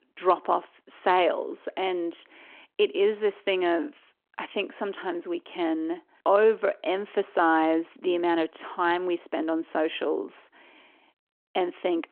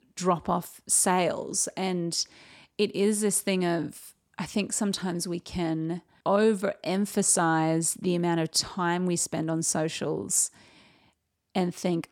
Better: second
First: phone-call audio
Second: none

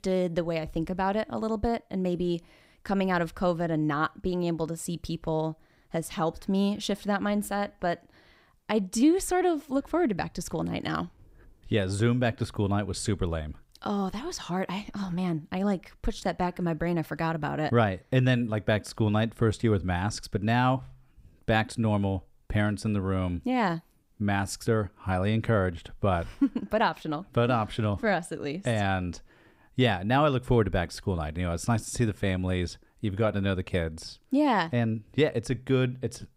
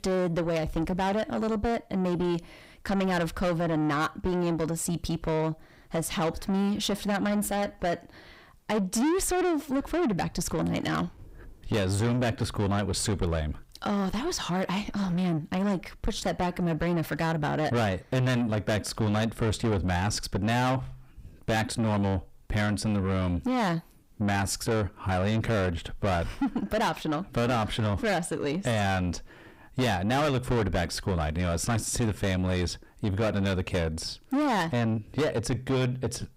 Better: first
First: none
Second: distortion; heavy; 7 dB below the speech

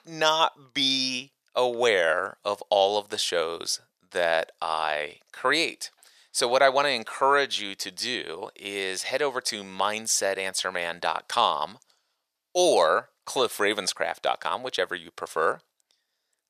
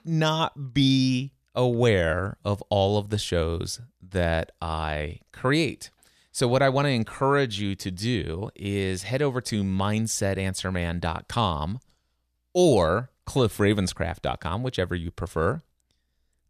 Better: second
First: thin; very; fading below 650 Hz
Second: none

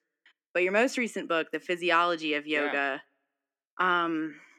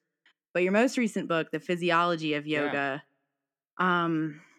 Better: second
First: thin; very slightly; fading below 250 Hz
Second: none

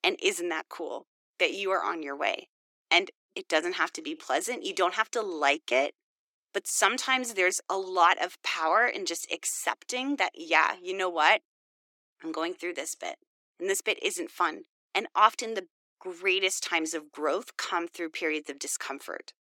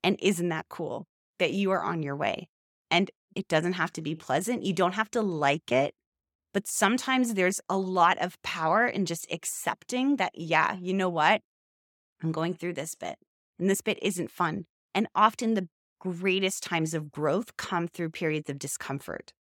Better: second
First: thin; somewhat; fading below 300 Hz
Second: none

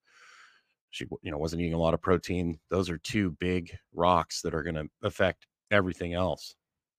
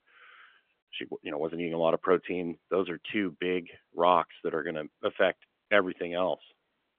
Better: first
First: none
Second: phone-call audio; nothing above 3.5 kHz

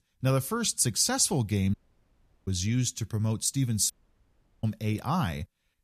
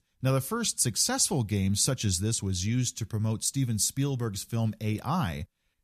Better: second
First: audio cutting out; at 1.5 s for 0.5 s and at 4 s for 0.5 s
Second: none

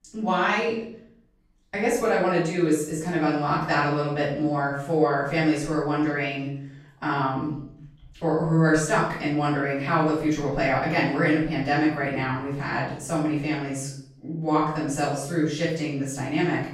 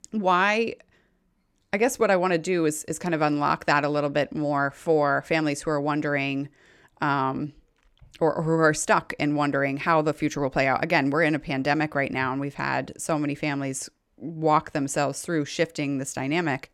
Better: second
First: room echo; noticeable; dies away in 0.6 s // off-mic speech; far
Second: none

